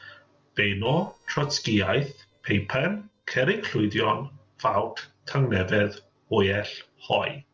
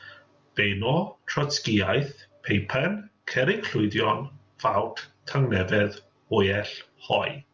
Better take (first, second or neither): second